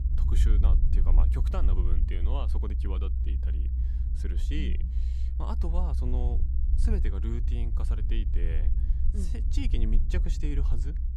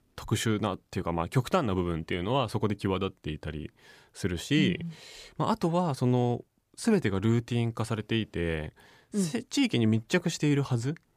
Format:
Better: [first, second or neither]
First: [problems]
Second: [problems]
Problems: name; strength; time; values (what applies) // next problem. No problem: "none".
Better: second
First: low rumble; loud; throughout; 5 dB below the speech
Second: none